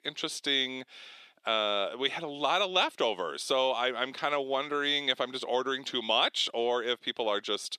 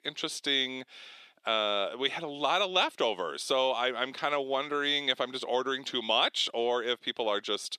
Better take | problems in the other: neither | thin; somewhat; fading below 450 Hz; the same in both

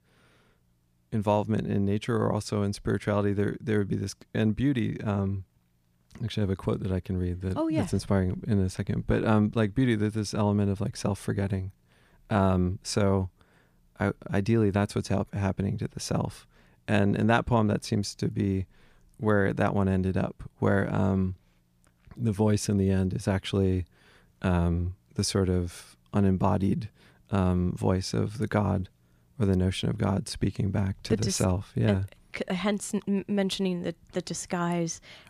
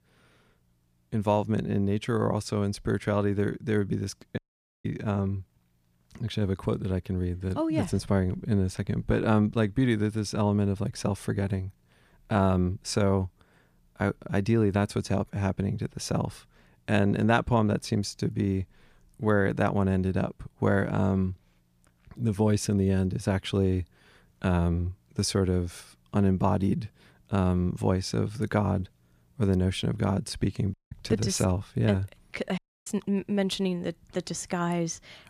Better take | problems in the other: first | audio cutting out; at 4.5 s, at 31 s and at 33 s

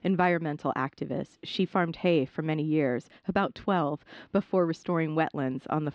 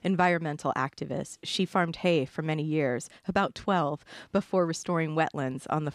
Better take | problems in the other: second | muffled; very slightly; fading above 4 kHz

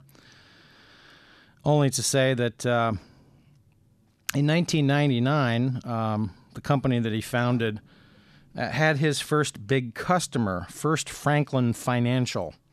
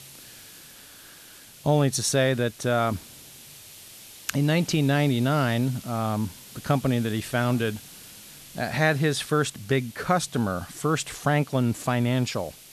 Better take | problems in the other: first | hiss; noticeable; throughout; 20 dB below the speech

